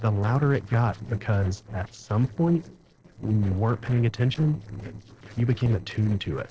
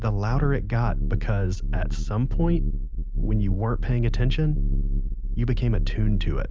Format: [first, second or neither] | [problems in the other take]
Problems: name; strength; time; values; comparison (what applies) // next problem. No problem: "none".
second | noise reduction (neural separator model SepFormer DNS4)